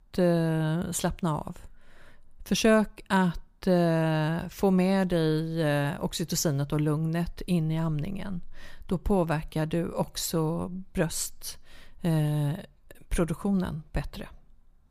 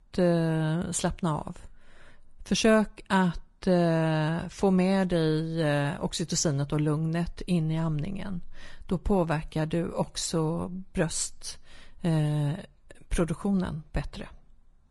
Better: first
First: none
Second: garbled, watery; slightly; nothing above 10.5 kHz

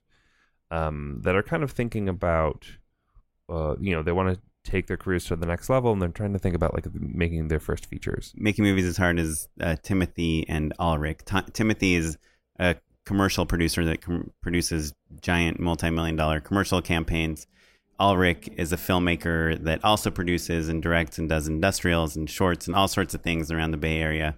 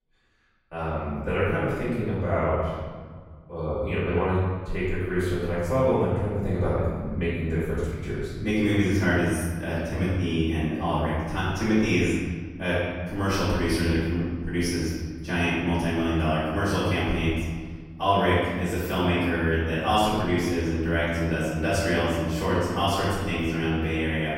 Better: first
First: none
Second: room echo; strong; dies away in 1.5 s // off-mic speech; far

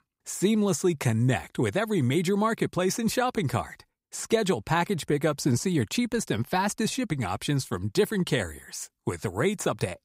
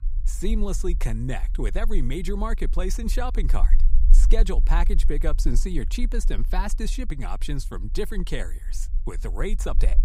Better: first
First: none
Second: low rumble; noticeable; throughout; 20 dB below the speech

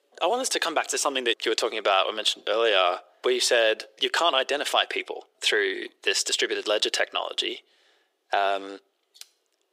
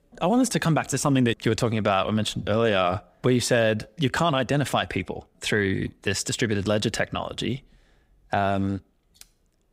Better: second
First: thin; very; fading below 350 Hz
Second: none

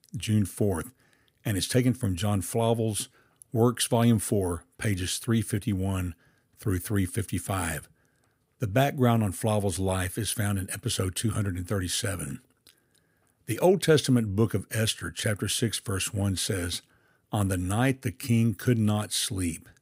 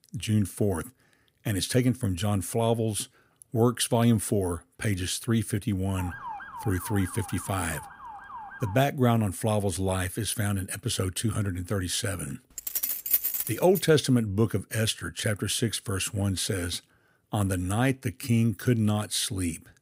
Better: first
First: none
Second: siren; faint; from 6 to 9 s; peak 10 dB below the speech // jangling keys; loud; from 13 to 14 s; peak 4 dB above the speech

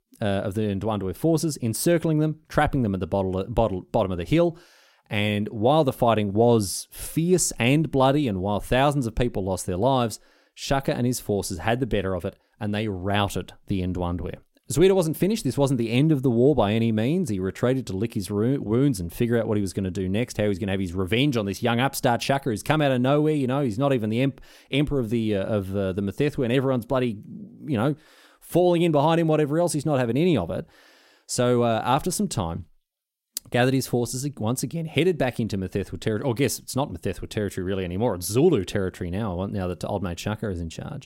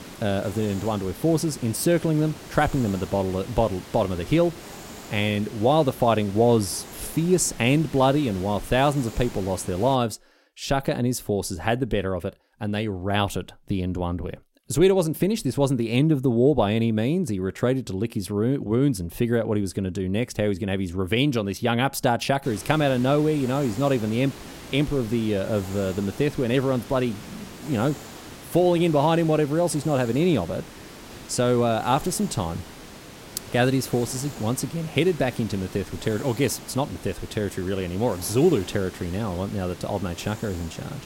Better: first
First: none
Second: hiss; noticeable; until 10 s and from 22 s on; 15 dB below the speech

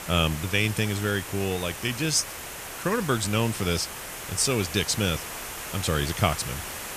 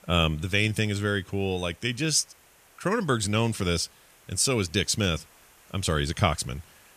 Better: second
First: hiss; loud; throughout; 8 dB below the speech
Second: hiss; faint; throughout; 30 dB below the speech

